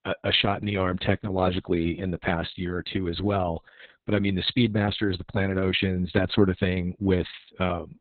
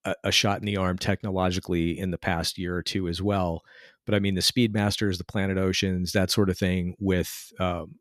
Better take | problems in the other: second | garbled, watery; badly; nothing above 4 kHz

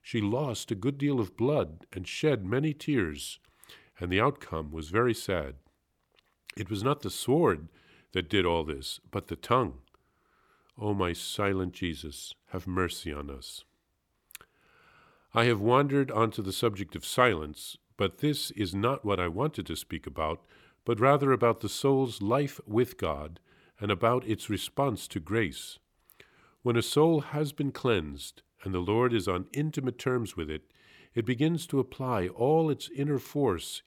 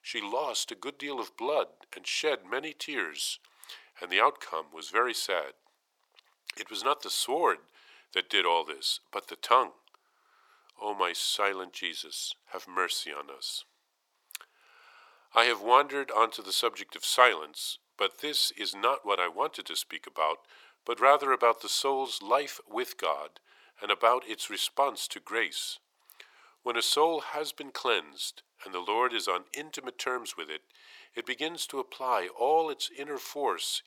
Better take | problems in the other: first | thin; very; fading below 550 Hz

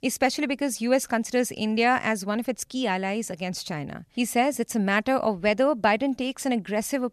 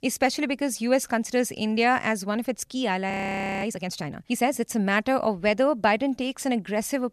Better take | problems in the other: first | audio freezing; at 3 s for 0.5 s

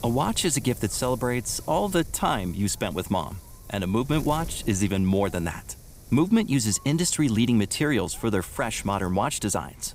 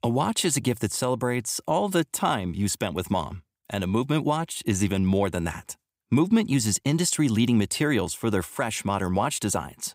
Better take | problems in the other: second | wind noise on the microphone; occasional gusts; 20 dB below the speech

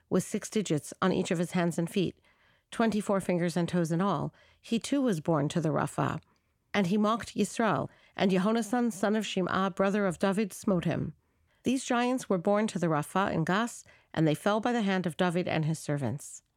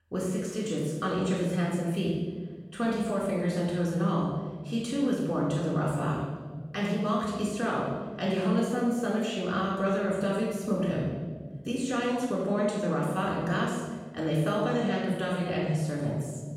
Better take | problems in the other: first | off-mic speech; far // room echo; noticeable; dies away in 1.3 s

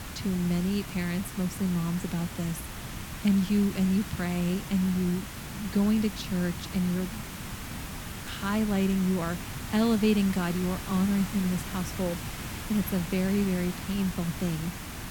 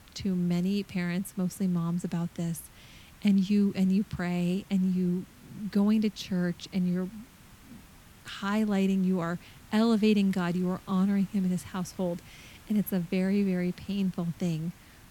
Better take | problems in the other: second | hiss; loud; throughout; 9 dB below the speech; faint in the second

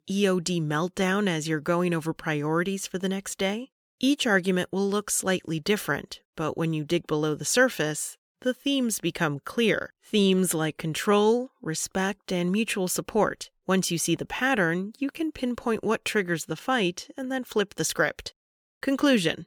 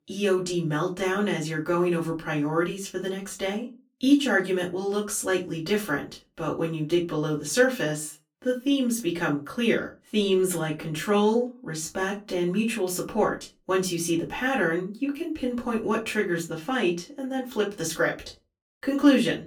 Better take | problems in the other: first | off-mic speech; far // room echo; very slight; dies away in 0.2 s

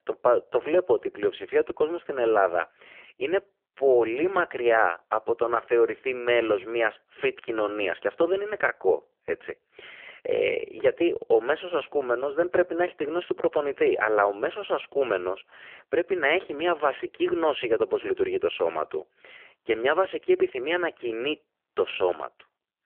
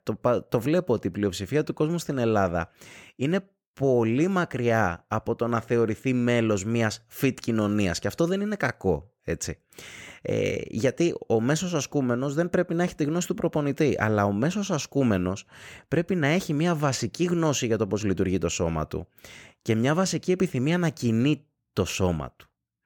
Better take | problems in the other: second | phone-call audio; poor line; nothing above 3 kHz

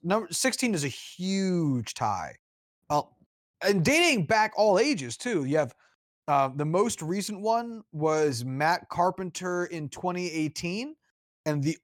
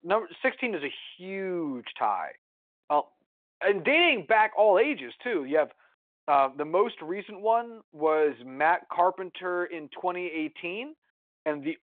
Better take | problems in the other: first | phone-call audio

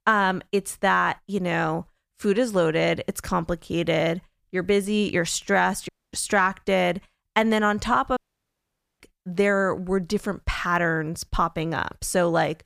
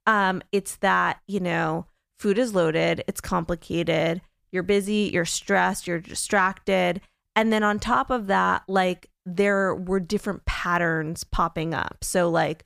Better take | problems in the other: second | audio cutting out; at 6 s and at 8 s for 1 s

